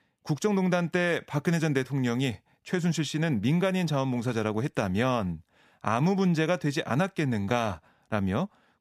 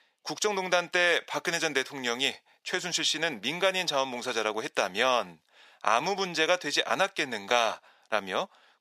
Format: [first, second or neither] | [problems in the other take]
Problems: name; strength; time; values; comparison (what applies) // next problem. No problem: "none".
first | thin; very; fading below 550 Hz